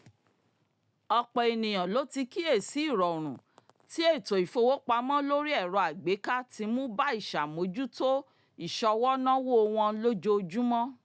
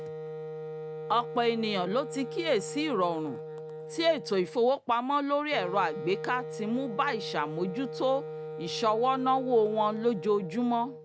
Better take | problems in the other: first | background sound (Wind instrument, woodwind instrument); 10 dB below the speech

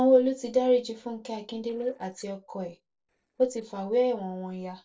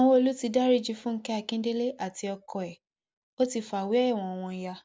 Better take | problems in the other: second | noise reduction (neural separator model SepFormer DNS4)

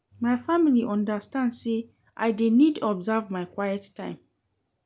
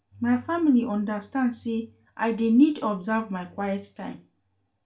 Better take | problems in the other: first | room echo; dies away in 0.2 s

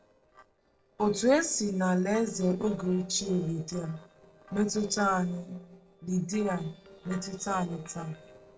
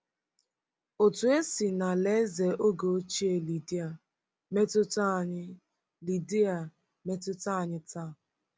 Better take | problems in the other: second | noise reduction (neural separator model SepFormer DNS4)

